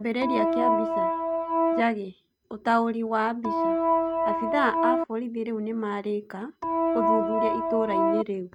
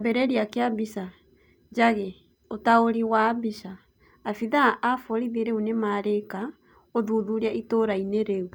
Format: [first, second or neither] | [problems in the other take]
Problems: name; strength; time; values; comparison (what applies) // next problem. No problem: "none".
second | noise reduction (neural mask model RNNoise)